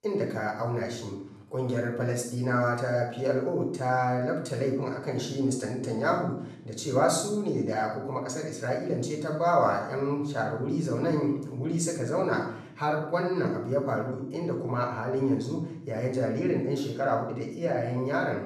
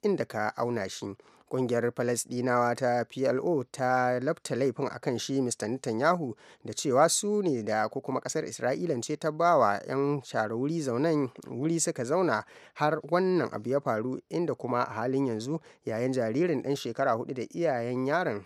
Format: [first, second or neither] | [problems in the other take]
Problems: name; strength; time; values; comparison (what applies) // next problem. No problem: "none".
second | room echo; noticeable; dies away in 0.7 s // off-mic speech; far